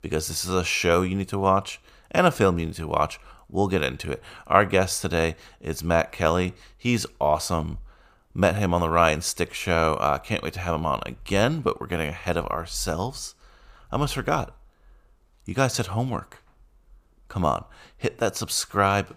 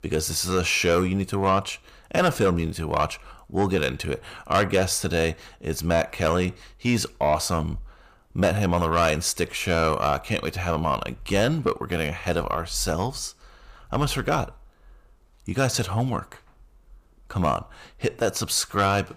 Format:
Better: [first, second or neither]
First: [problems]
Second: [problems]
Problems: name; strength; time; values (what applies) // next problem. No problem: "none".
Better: first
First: none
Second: distortion; slight; 10 dB below the speech